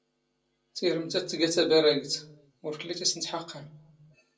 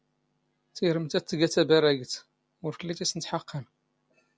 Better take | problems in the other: second | room echo; dies away in 0.2 s

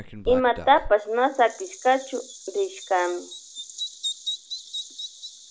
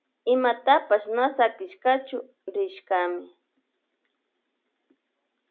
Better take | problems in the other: second | background sound (Bird vocalization, bird call, bird song); 11 dB below the speech

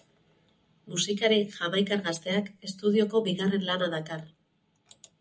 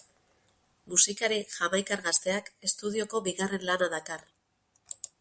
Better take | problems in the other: second | room echo; dies away in 0.4 s

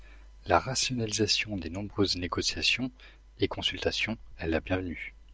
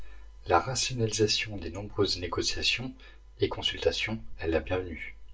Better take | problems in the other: first | room echo; dies away in 0.2 s

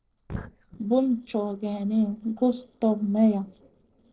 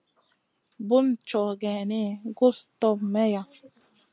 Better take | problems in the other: second | noise reduction (neural separator model SepFormer DNS4)

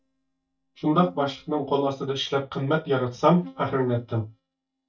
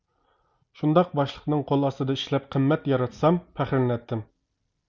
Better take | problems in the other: second | noise reduction (neural mask model DeepFilterNet 3)

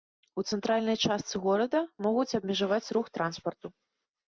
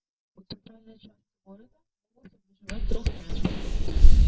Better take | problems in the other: first | noise reduction (neural mask model DeepFilterNet 3)

